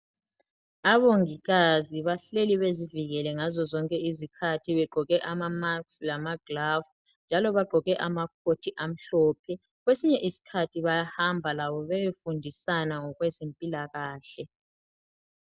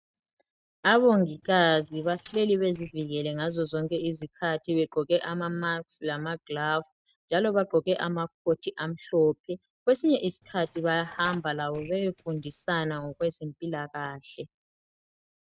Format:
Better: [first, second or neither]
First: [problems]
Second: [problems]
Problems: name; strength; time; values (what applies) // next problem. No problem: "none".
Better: first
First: none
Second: noise reduction (neural mask model RNNoise)